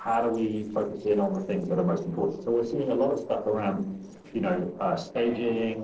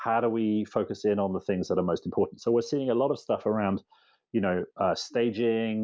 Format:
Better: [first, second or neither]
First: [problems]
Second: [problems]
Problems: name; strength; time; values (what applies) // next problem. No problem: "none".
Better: second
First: noise reduction (neural separator model SepFormer DNS4)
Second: none